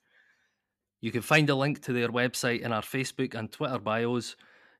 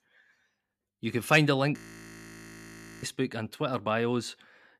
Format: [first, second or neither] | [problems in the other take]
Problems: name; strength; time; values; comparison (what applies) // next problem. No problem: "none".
first | audio freezing; at 2 s for 1.5 s